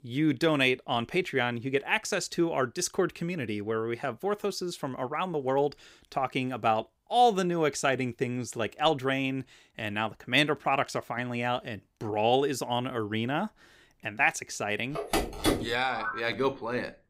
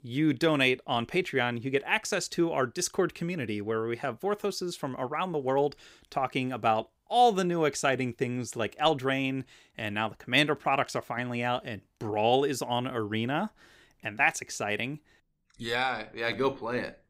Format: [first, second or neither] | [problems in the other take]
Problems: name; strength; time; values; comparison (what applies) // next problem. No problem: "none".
second | phone ringing; loud; from 15 to 16 s; peak 1 dB above the speech